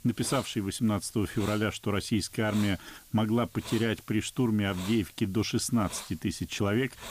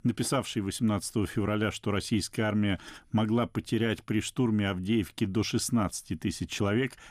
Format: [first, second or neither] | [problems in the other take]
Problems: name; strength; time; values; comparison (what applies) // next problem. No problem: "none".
second | hiss; noticeable; throughout; 15 dB below the speech